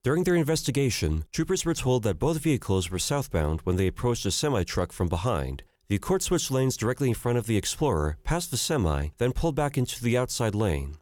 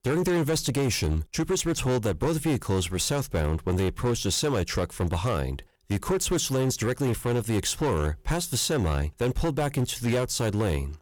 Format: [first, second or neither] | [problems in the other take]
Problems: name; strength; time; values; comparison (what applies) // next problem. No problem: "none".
first | distortion; slight; 14% of the sound clipped